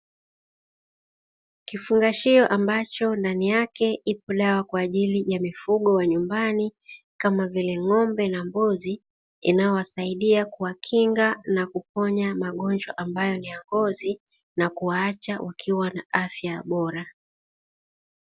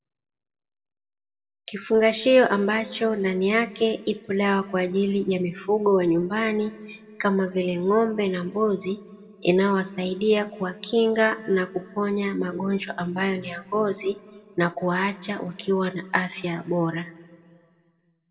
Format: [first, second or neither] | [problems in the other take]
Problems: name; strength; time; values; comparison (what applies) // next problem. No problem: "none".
first | room echo; dies away in 1 s